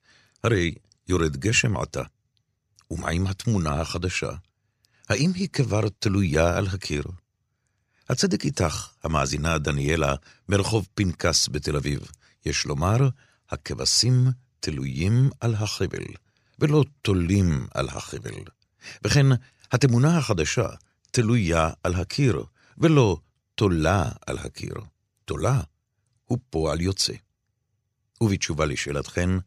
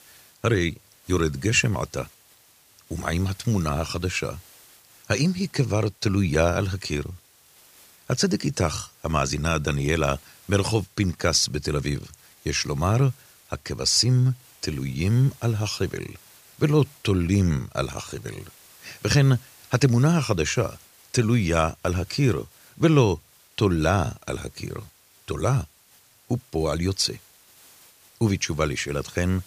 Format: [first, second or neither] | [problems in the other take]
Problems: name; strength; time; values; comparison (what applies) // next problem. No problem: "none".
first | hiss; faint; throughout; 25 dB below the speech